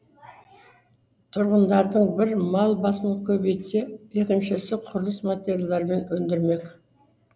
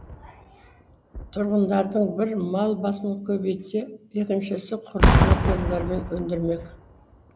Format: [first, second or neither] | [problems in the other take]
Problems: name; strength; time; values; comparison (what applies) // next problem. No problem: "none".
first | background sound (Boom); as loud as the speech